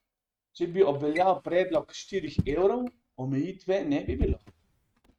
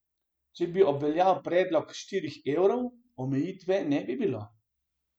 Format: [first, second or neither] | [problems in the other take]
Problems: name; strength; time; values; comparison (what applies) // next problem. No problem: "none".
second | noise reduction (neural mask model RNNoise)